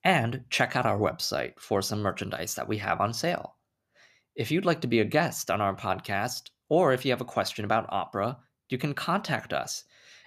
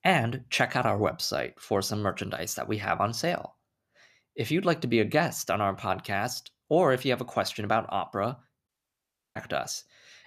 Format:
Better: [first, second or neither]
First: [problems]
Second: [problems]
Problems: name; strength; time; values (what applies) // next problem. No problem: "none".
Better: first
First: none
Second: audio cutting out; at 8.5 s for 0.5 s